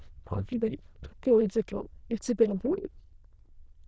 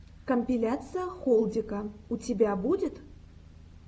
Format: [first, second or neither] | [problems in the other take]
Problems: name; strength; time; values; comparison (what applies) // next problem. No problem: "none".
second | noise reduction (neural diffusion model UNIVERSE++)